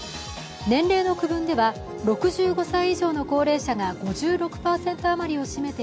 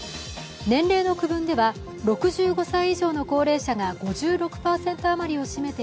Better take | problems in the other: second | background sound (Piano); 16 dB below the speech

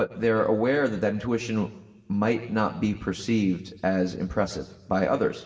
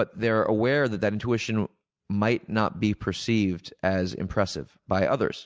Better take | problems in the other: second | room echo; dies away in 1.6 s

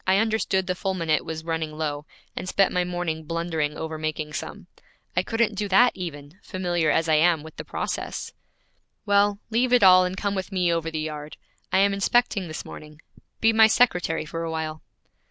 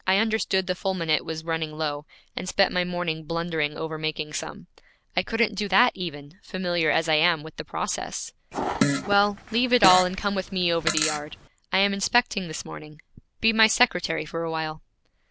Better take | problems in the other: first | background sound (Fart); 3 dB below the speech

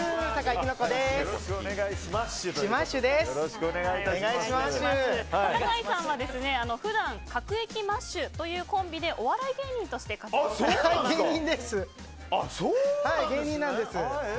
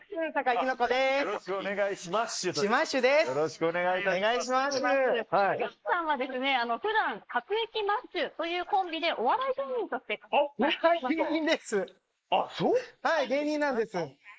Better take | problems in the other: first | noise reduction (neural mask model Resemble Enhance denoiser)

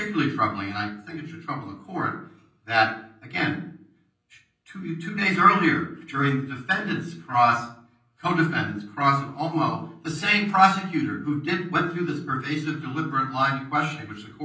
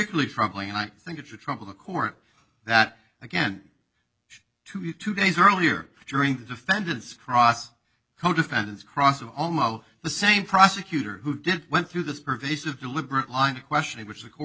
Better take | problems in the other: second | room echo; dies away in 0.6 s

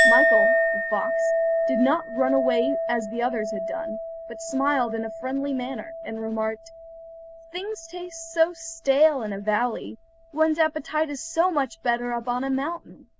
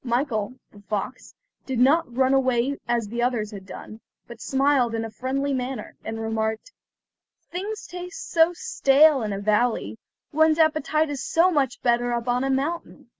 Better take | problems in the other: second | background sound (Chink, clink); 1 dB below the speech

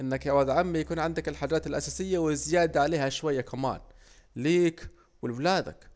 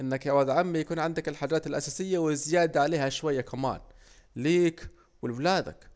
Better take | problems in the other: second | background sound (Engine); 19 dB below the speech

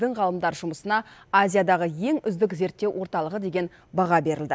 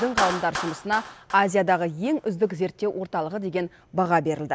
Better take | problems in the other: first | background sound (Clapping); 11 dB below the speech

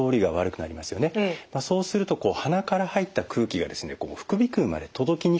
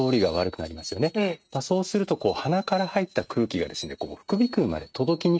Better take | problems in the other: first | noise reduction (neural mask model RNNoise)

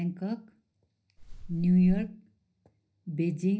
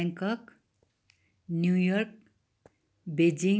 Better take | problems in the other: second | background sound (Wind); 9 dB below the speech // room echo; dies away in 0.5 s

